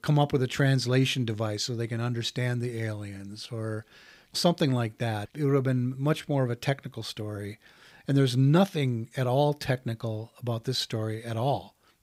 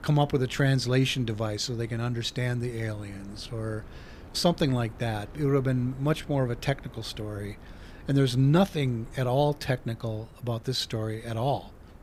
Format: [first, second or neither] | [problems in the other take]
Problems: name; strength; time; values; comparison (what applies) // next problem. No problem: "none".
first | wind noise on the microphone; occasional gusts; 20 dB below the speech